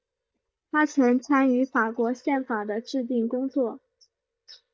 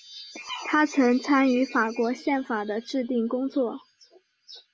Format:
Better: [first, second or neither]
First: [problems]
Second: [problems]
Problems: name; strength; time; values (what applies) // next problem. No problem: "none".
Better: second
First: noise reduction (neural mask model DeepFilterNet 3)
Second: none